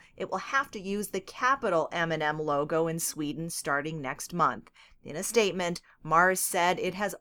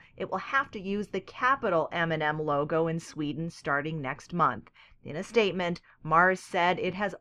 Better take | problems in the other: first | muffled; slightly; fading above 3 kHz

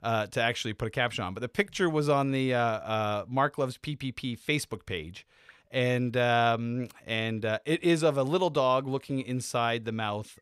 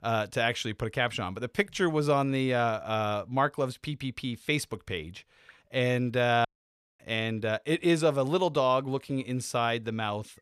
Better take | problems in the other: first | audio cutting out; at 6.5 s for 0.5 s

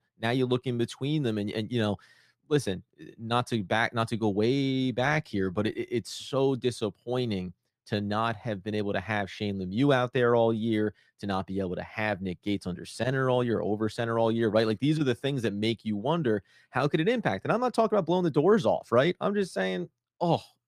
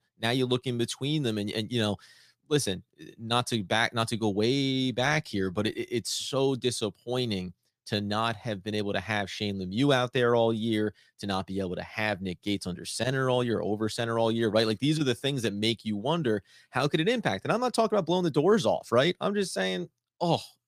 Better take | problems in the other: second | muffled; slightly; fading above 3 kHz

